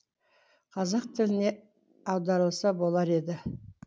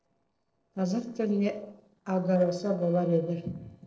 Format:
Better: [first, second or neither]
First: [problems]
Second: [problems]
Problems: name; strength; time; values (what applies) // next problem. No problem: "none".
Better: first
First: none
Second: noise reduction (neural separator model SepFormer DNS4)